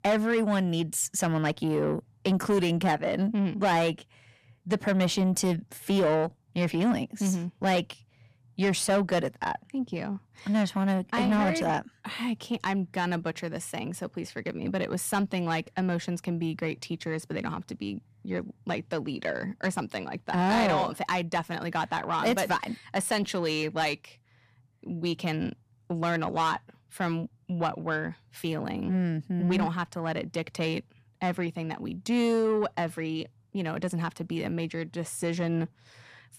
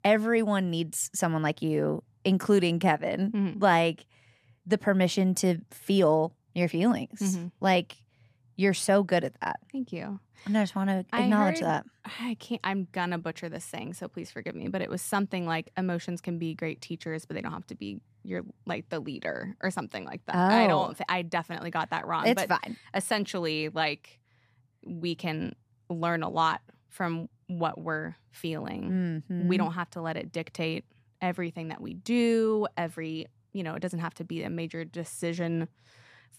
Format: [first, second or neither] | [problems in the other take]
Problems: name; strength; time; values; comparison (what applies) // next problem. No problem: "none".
second | distortion; slight; 10 dB below the speech